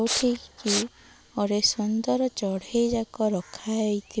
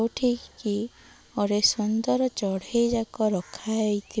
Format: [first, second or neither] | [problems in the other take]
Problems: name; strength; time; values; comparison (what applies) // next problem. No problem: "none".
second | background sound (Respiratory sounds); 3 dB below the speech